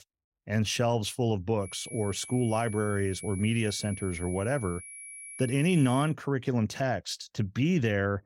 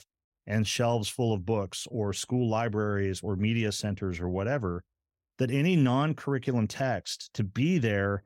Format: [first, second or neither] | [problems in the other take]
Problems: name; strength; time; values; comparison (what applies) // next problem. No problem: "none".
second | high-pitched whine; noticeable; from 1.5 to 6 s; 11 kHz, 15 dB below the speech